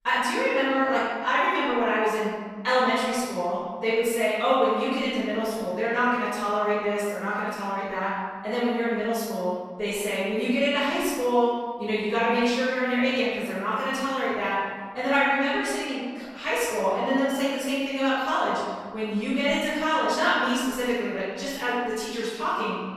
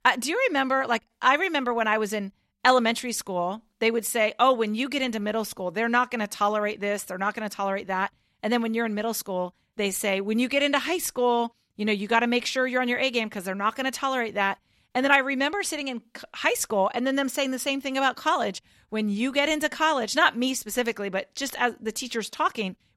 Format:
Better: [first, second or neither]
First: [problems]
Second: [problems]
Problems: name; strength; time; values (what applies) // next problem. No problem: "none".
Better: second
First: off-mic speech; far // room echo; strong; dies away in 1.4 s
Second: none